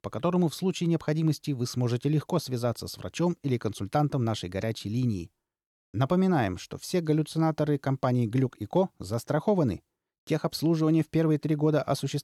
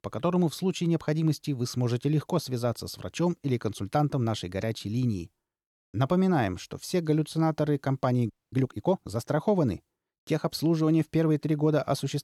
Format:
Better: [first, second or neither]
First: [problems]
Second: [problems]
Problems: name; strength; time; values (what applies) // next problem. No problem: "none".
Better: first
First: none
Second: audio freezing; at 8.5 s